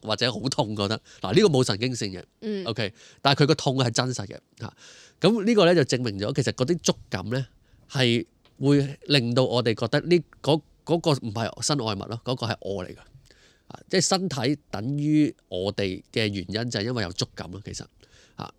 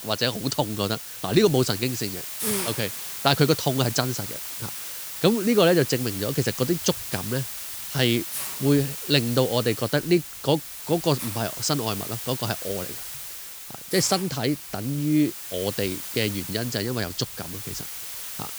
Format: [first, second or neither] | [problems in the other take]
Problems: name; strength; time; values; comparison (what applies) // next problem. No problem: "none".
first | hiss; loud; throughout; 7 dB below the speech